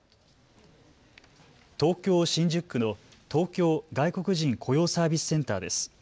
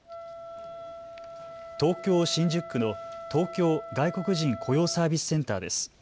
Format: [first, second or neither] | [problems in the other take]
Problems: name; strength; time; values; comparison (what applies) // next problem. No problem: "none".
first | background sound (Wind instrument, woodwind instrument); 13 dB below the speech